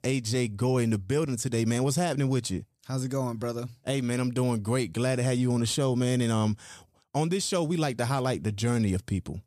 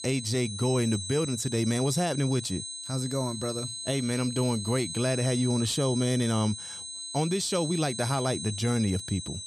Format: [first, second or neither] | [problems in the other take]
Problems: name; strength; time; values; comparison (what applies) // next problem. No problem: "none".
first | high-pitched whine; loud; throughout; 4 kHz, 7 dB below the speech